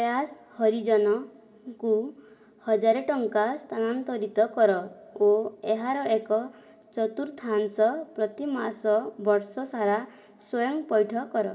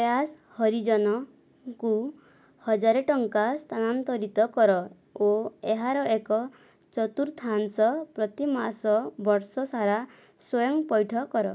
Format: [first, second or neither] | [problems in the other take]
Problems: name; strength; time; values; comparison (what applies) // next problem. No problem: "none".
second | room echo; dies away in 2 s